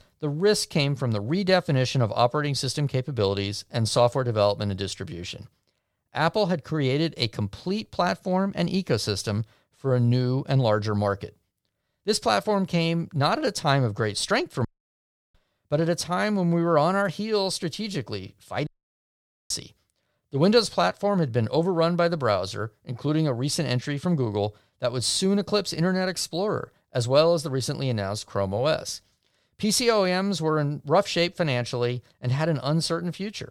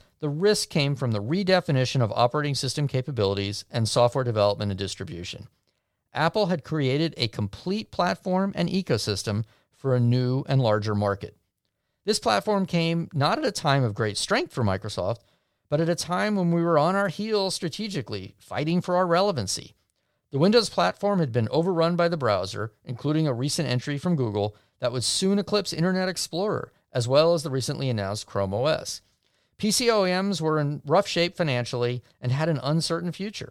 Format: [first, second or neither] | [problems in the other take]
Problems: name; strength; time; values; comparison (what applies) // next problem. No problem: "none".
second | audio cutting out; at 15 s for 0.5 s and at 19 s for 1 s